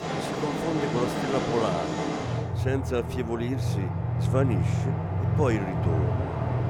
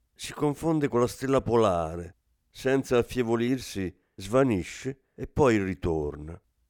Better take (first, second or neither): second